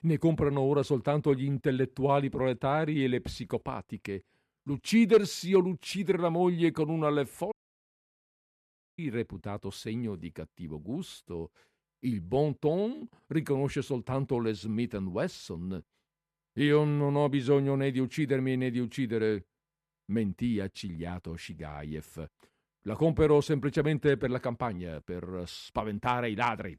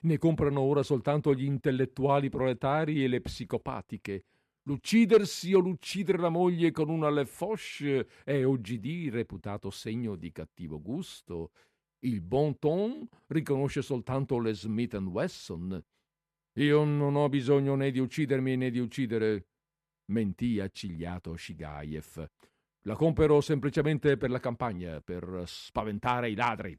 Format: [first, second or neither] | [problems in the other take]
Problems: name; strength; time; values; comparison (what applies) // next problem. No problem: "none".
second | audio cutting out; at 7.5 s for 1.5 s